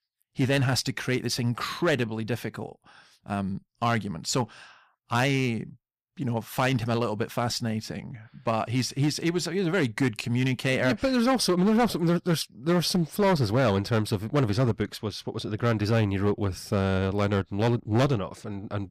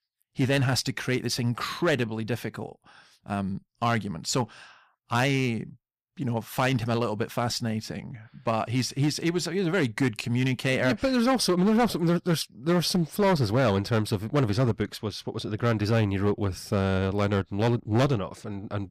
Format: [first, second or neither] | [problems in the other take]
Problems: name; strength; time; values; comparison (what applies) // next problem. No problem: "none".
neither | distortion; slight; 5% of the sound clipped; the same in both